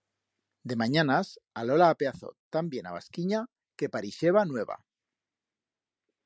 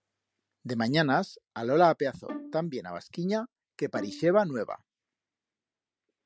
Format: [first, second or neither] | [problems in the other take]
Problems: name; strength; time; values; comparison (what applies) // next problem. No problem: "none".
first | background sound (Bowed string instrument); 13 dB below the speech